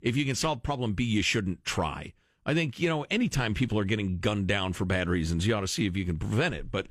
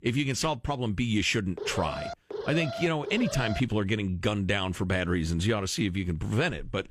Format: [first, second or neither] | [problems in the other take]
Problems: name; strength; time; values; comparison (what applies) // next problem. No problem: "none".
first | alarm; noticeable; from 1.5 to 3.5 s; peak 7 dB below the speech